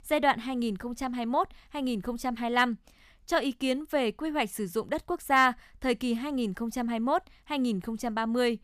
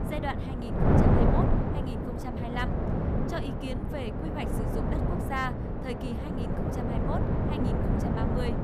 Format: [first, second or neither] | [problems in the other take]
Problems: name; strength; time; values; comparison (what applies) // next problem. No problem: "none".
first | wind noise on the microphone; heavy; 3 dB above the speech